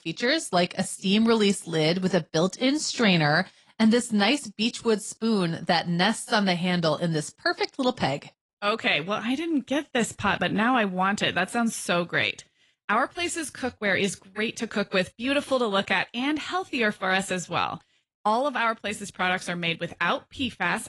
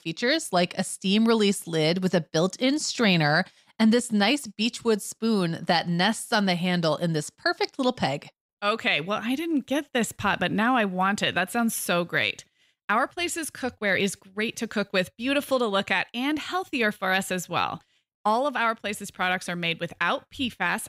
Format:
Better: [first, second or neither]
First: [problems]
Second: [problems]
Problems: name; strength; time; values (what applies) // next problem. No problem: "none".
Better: second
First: garbled, watery; slightly; nothing above 11 kHz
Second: none